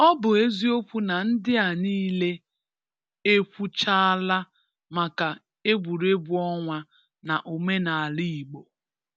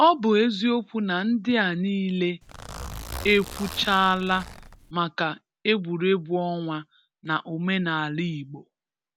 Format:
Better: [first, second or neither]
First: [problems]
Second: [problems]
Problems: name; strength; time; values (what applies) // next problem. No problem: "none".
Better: first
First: none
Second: background sound (Zipper (clothing)); 13 dB below the speech